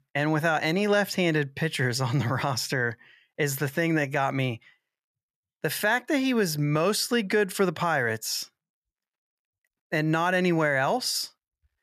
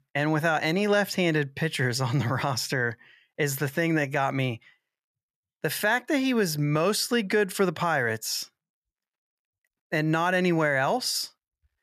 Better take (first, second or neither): neither